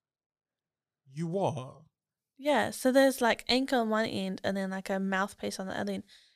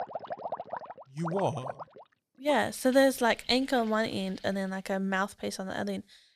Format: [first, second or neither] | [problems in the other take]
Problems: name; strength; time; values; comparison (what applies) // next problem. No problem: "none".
first | rain or running water; noticeable; until 4.5 s; 15 dB below the speech